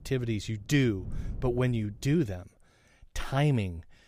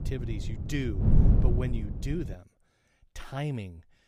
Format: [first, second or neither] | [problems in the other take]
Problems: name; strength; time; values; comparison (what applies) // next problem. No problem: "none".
first | wind noise on the microphone; heavy; until 2.5 s; 1 dB below the speech; occasional gusts in the first